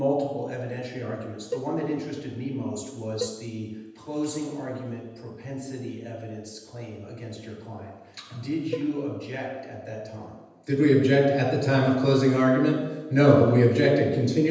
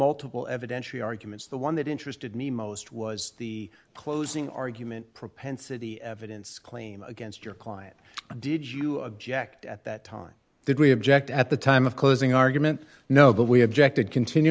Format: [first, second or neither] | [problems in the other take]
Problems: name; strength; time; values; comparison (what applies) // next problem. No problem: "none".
second | background sound (Cowbell); 14 dB below the speech // room echo; dies away in 1.1 s